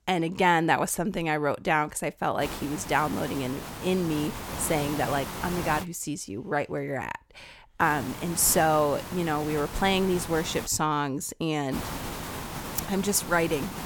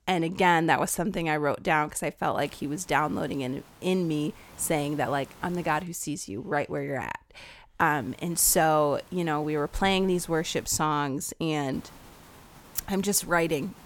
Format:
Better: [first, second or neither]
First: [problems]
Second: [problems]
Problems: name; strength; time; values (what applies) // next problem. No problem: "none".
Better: second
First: hiss; loud; from 2.5 to 6 s, from 8 to 11 s and from 12 s on; 9 dB below the speech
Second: hiss; faint; from 2.5 to 6 s, from 8 to 11 s and from 12 s on; 25 dB below the speech